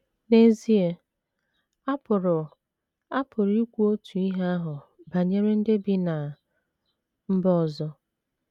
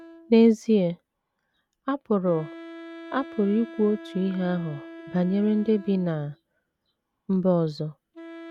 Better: first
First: none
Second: background sound (Wind instrument, woodwind instrument); 18 dB below the speech

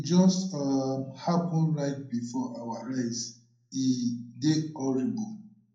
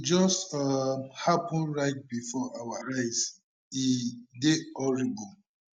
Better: second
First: room echo; dies away in 0.5 s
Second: none

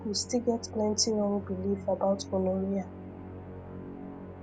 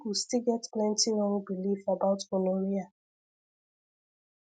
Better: second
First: background sound (Musical instrument); 11 dB below the speech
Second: none

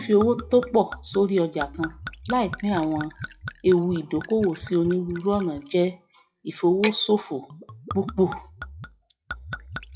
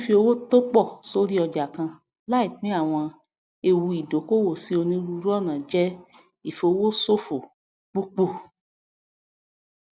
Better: second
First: noise reduction (classical method WPE with log-MMSE)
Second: none

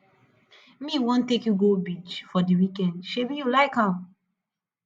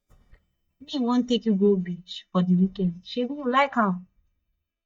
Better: first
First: none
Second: noise reduction (neural mask model DeepFilterNet 3)

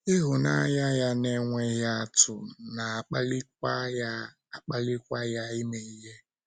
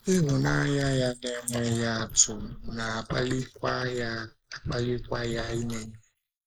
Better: first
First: none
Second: noise reduction (neural mask model Resemble Enhance denoiser)

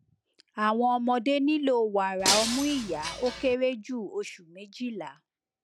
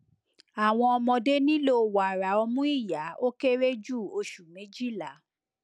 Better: second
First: background sound (Shatter); 2 dB below the speech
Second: none

